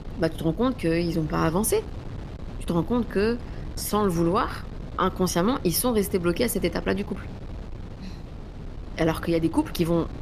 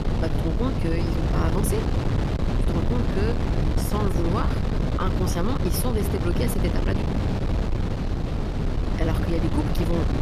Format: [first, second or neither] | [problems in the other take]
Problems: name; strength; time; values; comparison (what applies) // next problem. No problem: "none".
first | wind noise on the microphone; heavy; as loud as the speech; occasional gusts in the first